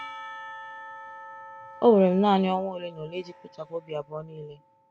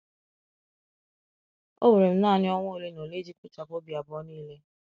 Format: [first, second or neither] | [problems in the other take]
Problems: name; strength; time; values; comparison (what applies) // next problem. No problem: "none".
second | background sound (Church bell / Percussion); 17 dB below the speech